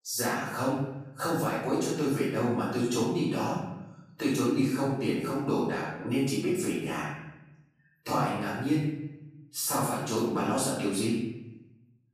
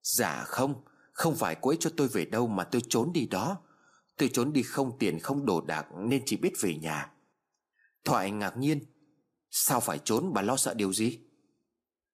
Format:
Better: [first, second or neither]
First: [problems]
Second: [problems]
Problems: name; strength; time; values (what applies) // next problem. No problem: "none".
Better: second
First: off-mic speech; far // room echo; noticeable; dies away in 0.9 s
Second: none